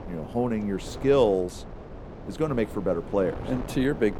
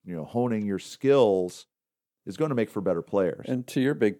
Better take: second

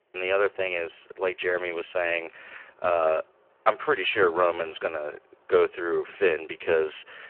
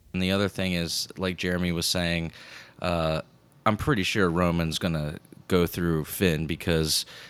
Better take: second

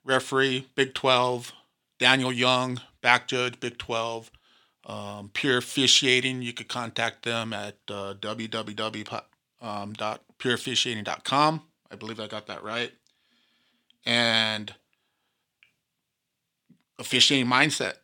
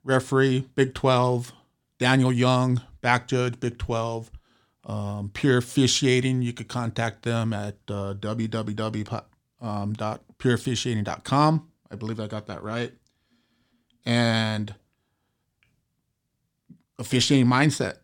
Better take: second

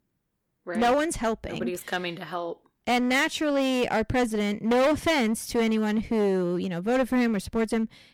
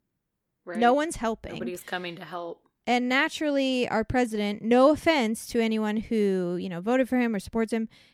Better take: second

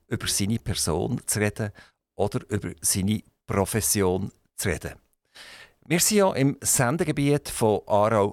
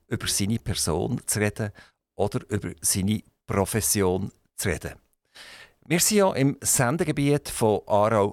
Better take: neither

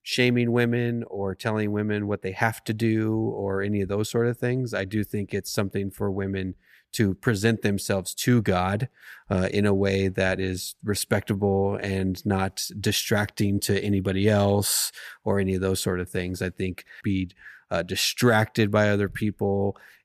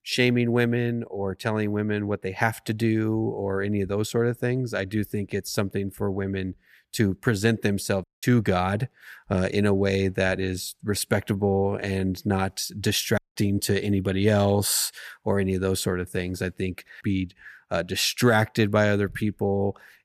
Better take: first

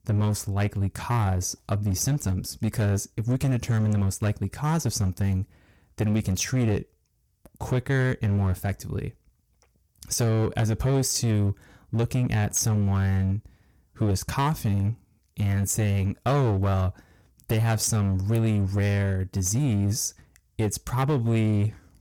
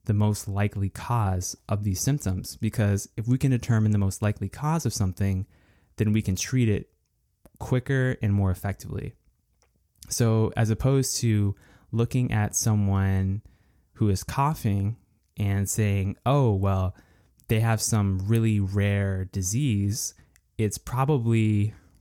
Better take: second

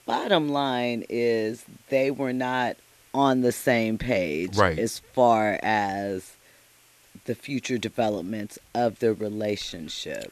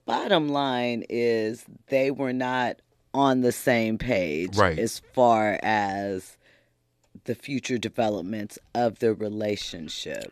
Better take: second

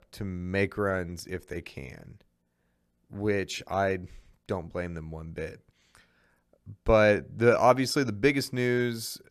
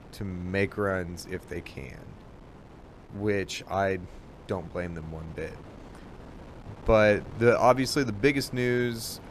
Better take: first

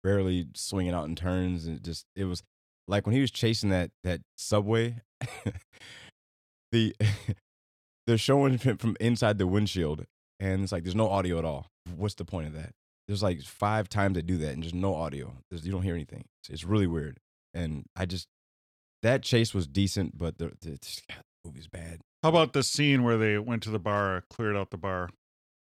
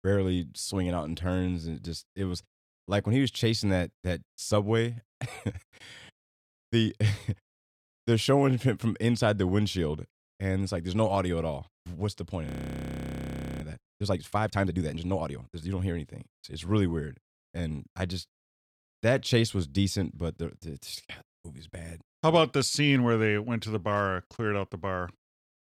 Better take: first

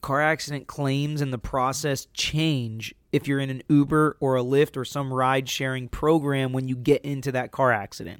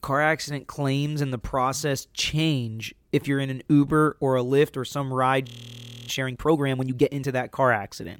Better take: first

